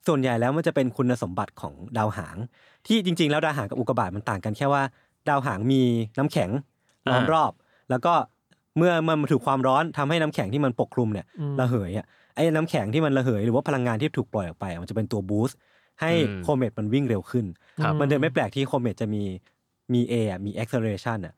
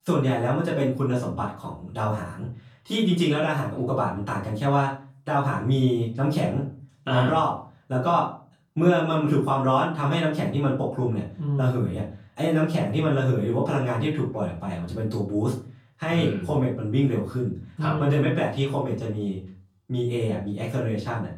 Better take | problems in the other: first | room echo; slight; dies away in 0.3 s // off-mic speech; far

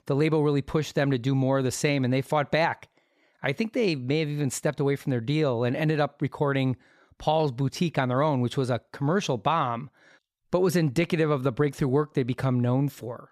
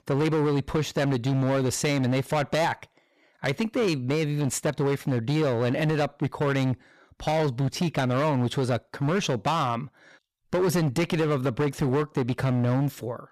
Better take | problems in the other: first | distortion; slight; 16% of the sound clipped

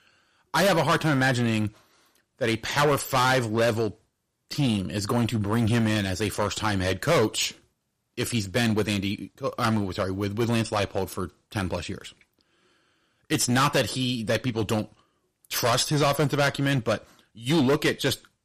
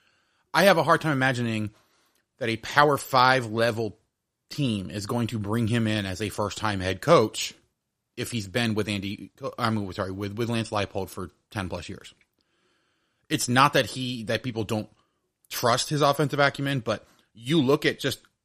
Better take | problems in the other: second | distortion; heavy; 8% of the sound clipped

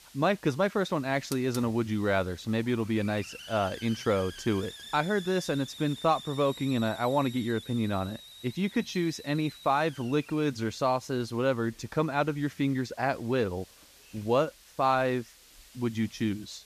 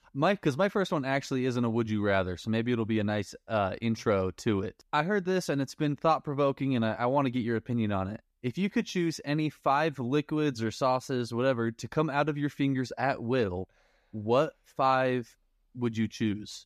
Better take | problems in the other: second | hiss; noticeable; throughout; 15 dB below the speech

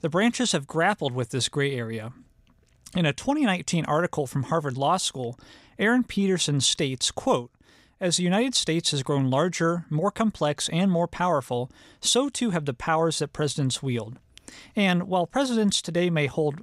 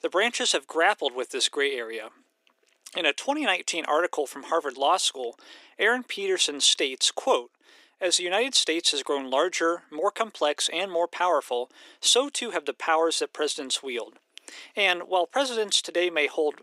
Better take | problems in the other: first | thin; very; fading below 300 Hz

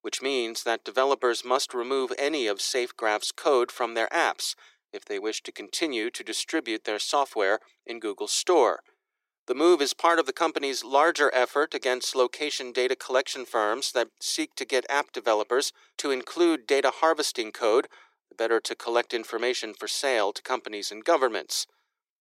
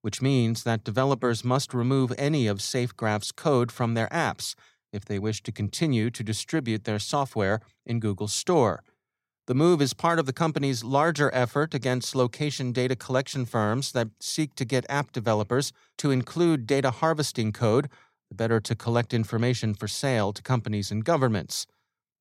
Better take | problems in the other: second | thin; very; fading below 350 Hz

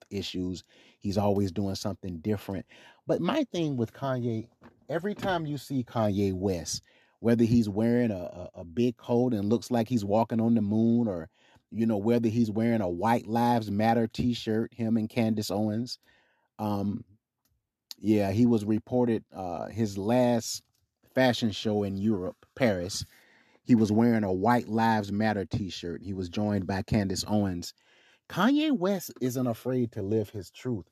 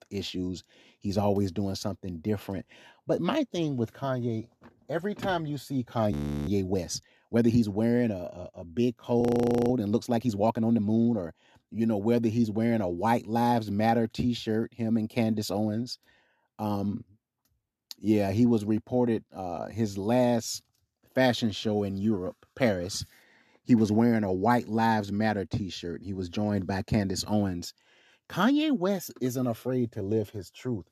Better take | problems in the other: first | audio freezing; at 6 s and at 9 s

